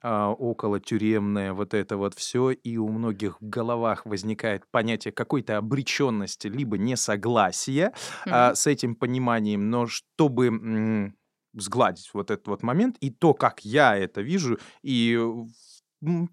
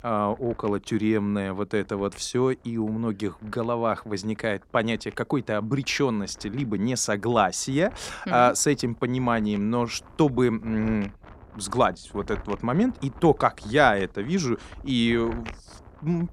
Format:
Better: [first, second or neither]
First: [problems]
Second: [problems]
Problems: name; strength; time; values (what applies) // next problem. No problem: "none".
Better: first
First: none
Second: wind noise on the microphone; occasional gusts; 20 dB below the speech